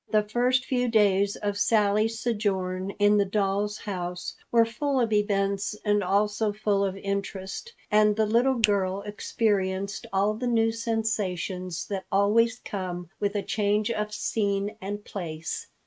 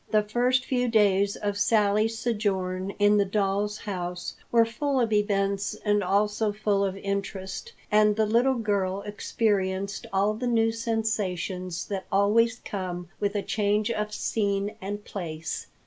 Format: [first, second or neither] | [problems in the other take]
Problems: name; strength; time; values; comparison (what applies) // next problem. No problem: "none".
second | noise reduction (neural mask model RNNoise)